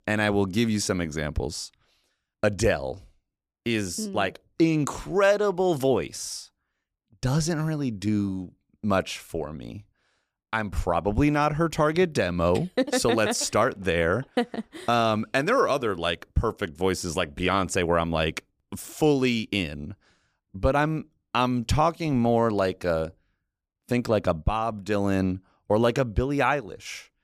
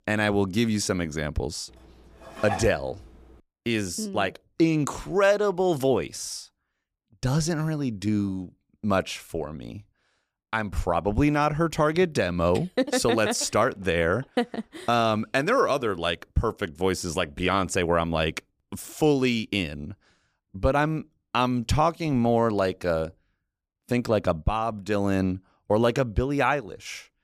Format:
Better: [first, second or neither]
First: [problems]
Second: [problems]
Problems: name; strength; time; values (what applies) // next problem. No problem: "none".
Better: first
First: none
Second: clattering dishes; noticeable; at 2.5 s; peak 8 dB below the speech